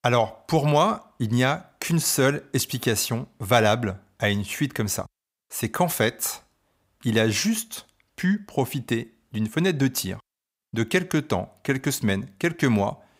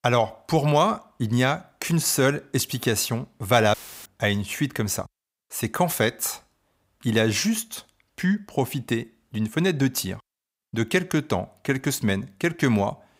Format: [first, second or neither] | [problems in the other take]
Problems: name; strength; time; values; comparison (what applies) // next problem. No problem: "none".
first | audio cutting out; filled with static; at 3.5 s